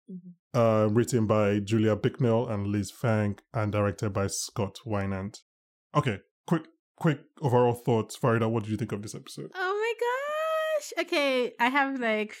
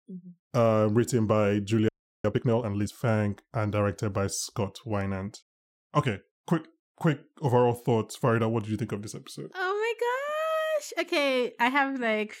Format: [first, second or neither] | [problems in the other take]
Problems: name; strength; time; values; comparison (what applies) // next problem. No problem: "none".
first | audio freezing; at 2 s